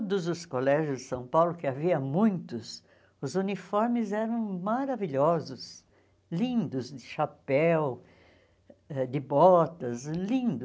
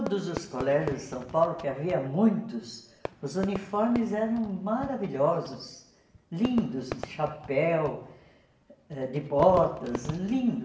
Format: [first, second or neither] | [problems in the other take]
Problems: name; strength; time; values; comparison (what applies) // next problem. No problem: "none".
first | background sound (Fireworks); 13 dB below the speech // room echo; dies away in 0.7 s